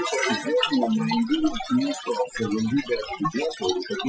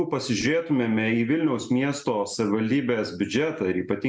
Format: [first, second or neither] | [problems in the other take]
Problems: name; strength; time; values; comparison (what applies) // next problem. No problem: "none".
second | noise reduction (classical method Wiener filter)